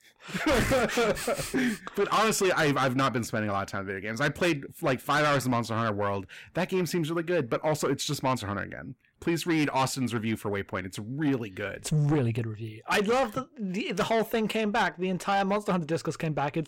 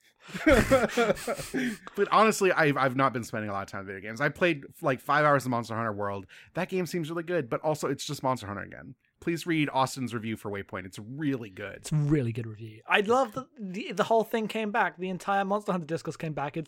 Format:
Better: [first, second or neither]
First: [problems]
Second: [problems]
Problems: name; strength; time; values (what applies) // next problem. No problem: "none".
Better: second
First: distortion; heavy; 7 dB below the speech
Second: none